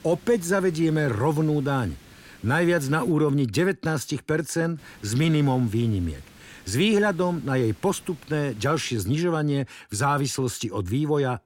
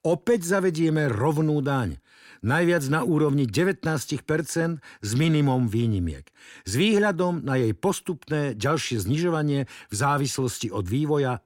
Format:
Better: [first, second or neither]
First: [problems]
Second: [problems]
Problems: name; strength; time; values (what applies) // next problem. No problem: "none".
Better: second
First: hiss; faint; until 3 s and from 5 to 9 s; 25 dB below the speech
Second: none